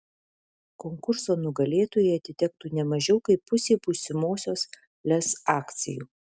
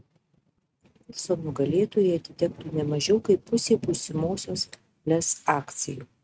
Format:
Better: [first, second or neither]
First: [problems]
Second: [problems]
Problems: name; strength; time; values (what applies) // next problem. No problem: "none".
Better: first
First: none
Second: noise reduction (neural mask model RNNoise)